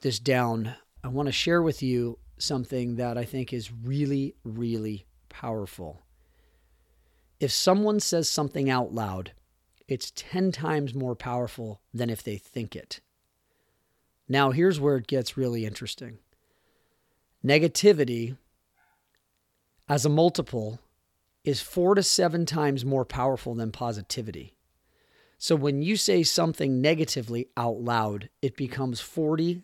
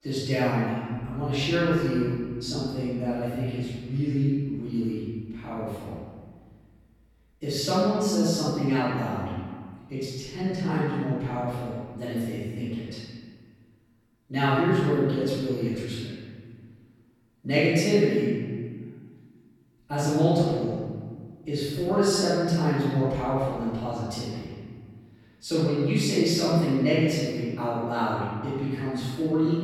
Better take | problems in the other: first | off-mic speech; far // room echo; strong; dies away in 1.7 s

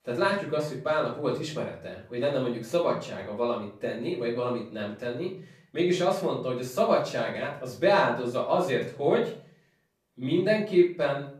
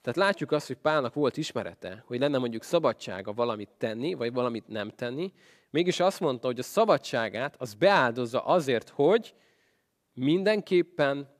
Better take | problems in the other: second | room echo; slight; dies away in 0.4 s // off-mic speech; far

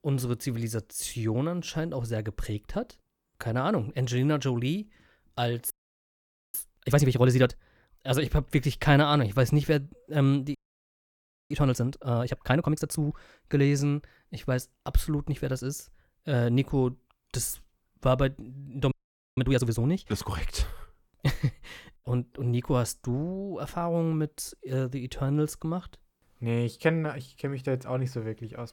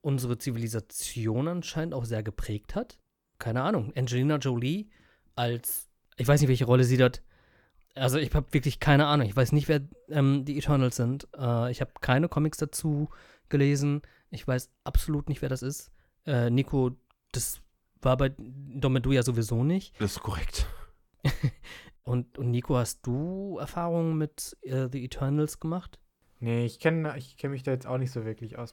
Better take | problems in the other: second | audio freezing; at 5.5 s for 1 s, at 11 s for 1 s and at 19 s

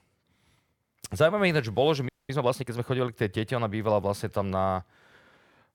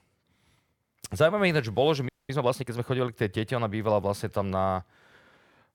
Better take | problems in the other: neither | audio freezing; at 2 s; the same in both

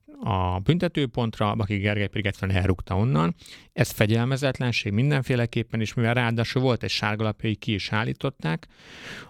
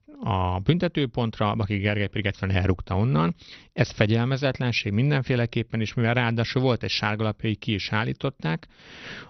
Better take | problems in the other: first | garbled, watery; slightly; nothing above 6 kHz

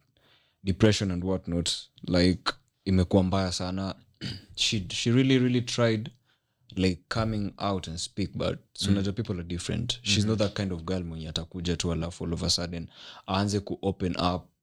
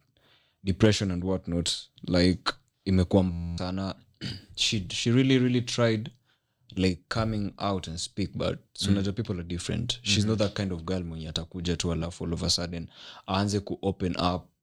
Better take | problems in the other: first | audio freezing; at 3.5 s

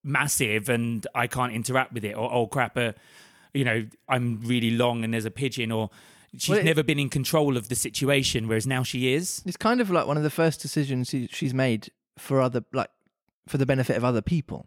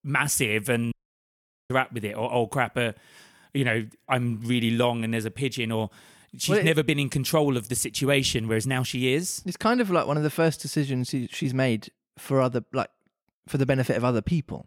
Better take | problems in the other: first | audio cutting out; at 1 s for 1 s

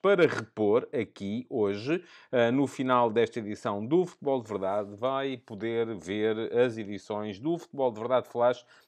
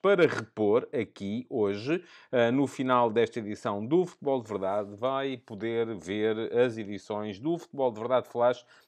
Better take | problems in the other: neither | none

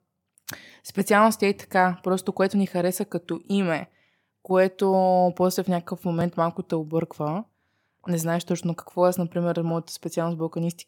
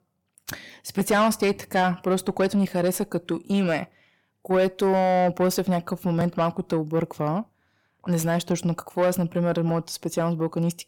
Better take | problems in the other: first | distortion; slight; 10 dB below the speech

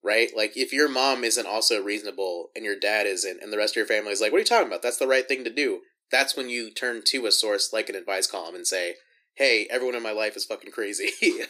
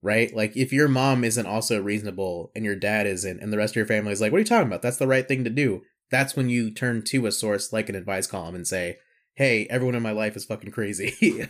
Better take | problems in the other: second | thin; somewhat; fading below 300 Hz

